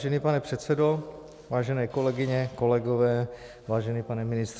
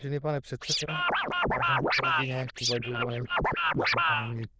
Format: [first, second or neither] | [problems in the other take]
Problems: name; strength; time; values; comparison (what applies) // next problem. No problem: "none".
first | noise reduction (neural diffusion model UNIVERSE++)